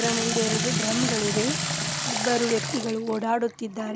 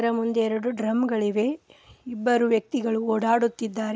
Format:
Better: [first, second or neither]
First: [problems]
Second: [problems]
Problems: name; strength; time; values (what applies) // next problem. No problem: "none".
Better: second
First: background sound (Sink (filling or washing) / Water tap, faucet); 1 dB below the speech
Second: none